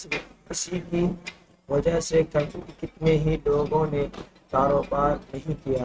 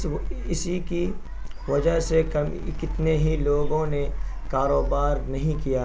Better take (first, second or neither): second